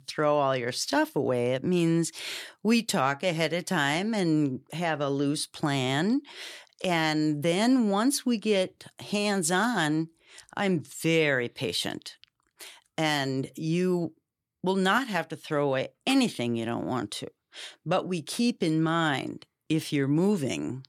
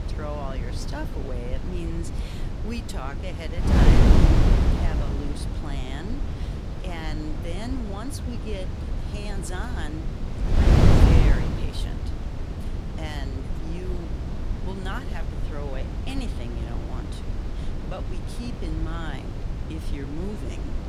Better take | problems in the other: first | wind noise on the microphone; heavy; 3 dB above the speech

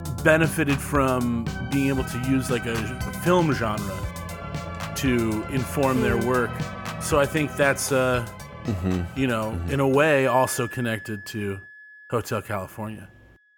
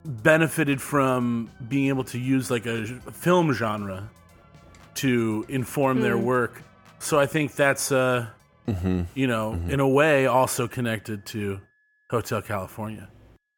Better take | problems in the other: second | background music; loud; throughout; 10 dB below the speech; faint in the second

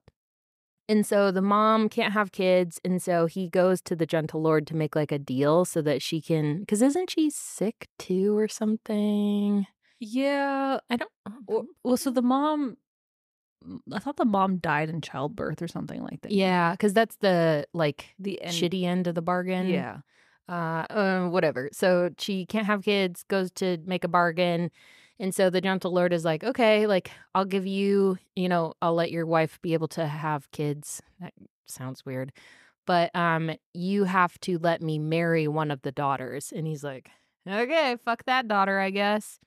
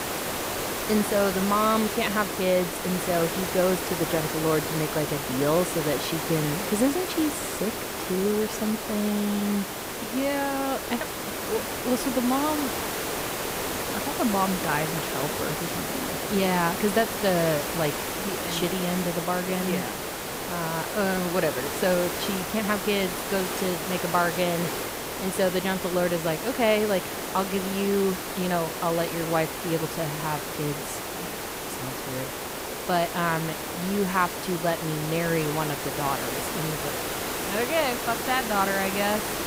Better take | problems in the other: first | hiss; loud; throughout; 3 dB below the speech

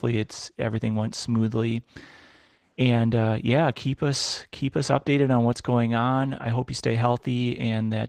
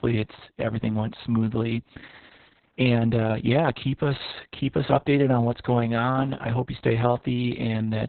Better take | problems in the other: first | garbled, watery; badly; nothing above 4 kHz; slightly in the first

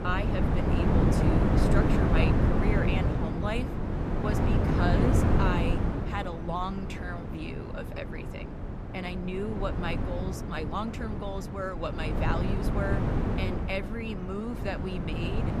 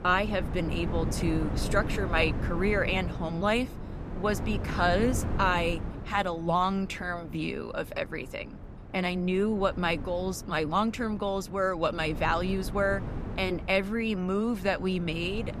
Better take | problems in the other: second | wind noise on the microphone; heavy; 1 dB above the speech; occasional gusts in the second

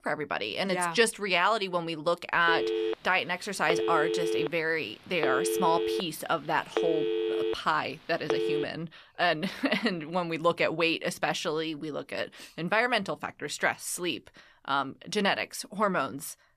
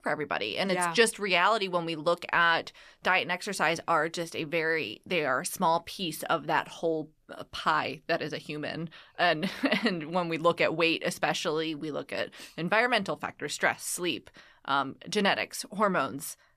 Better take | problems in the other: second | phone ringing; loud; from 2.5 to 8.5 s; peak 1 dB above the speech

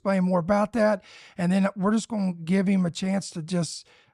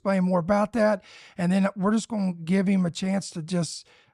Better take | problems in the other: neither | none

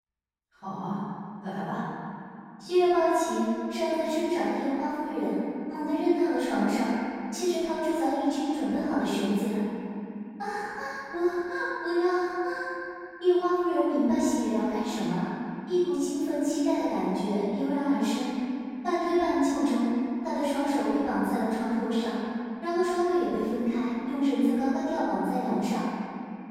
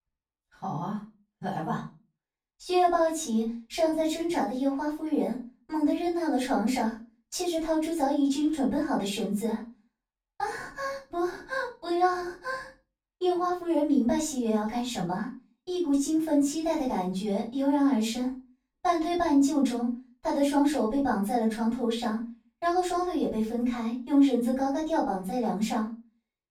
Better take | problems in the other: second | room echo; strong; dies away in 2.6 s; slight in the second // off-mic speech; far; far in the second

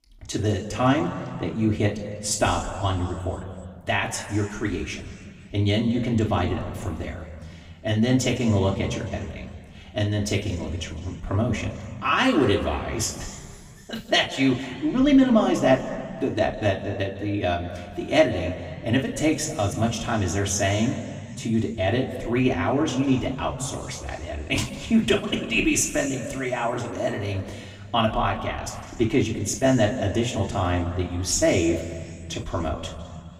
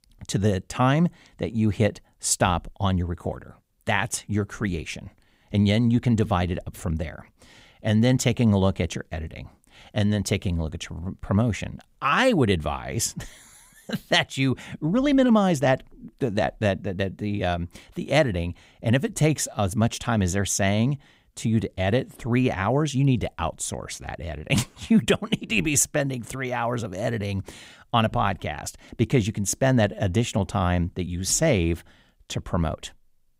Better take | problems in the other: second | room echo; slight; dies away in 2 s // off-mic speech; somewhat distant

